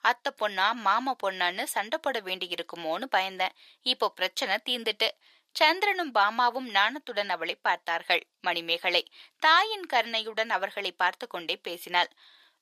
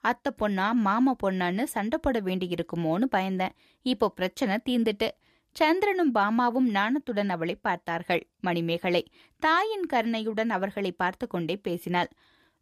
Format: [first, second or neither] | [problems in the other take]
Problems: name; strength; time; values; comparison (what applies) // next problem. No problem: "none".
second | thin; very; fading below 700 Hz